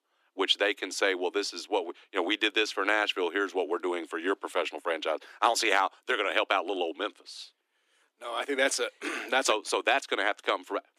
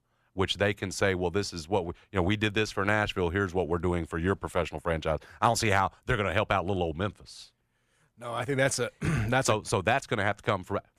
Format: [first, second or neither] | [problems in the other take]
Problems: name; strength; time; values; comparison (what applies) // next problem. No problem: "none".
second | thin; somewhat; fading below 300 Hz